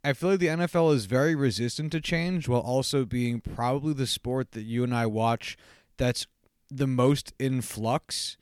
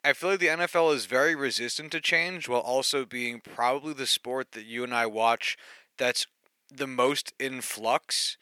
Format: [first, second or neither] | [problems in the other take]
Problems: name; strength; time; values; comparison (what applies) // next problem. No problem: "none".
first | thin; very; fading below 500 Hz